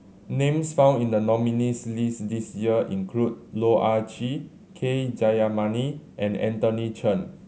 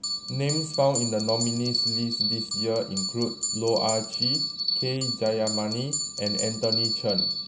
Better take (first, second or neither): first